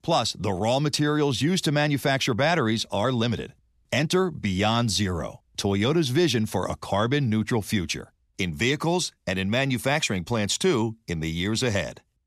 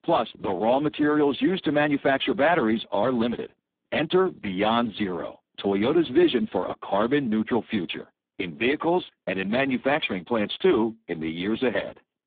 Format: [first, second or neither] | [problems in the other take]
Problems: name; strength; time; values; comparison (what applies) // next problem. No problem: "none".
first | phone-call audio; poor line